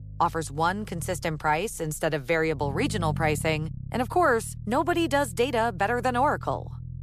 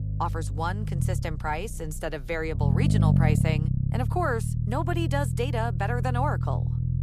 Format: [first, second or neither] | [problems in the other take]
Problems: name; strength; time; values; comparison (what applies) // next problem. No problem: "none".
first | low rumble; loud; throughout; 7 dB below the speech; faint in the first